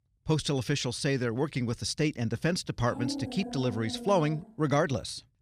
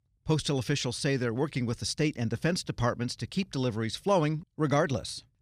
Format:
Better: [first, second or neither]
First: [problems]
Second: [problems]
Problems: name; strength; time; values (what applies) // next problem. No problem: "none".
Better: second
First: dog barking; noticeable; from 3 to 4.5 s; peak 6 dB below the speech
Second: none